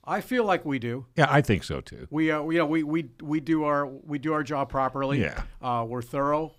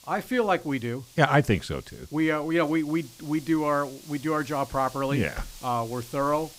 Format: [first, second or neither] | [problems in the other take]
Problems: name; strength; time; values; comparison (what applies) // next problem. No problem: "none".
first | hiss; faint; throughout; 20 dB below the speech